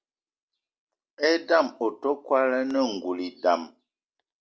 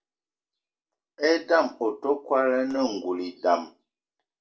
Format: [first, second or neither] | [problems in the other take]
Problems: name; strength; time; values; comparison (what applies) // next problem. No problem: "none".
first | room echo; dies away in 0.2 s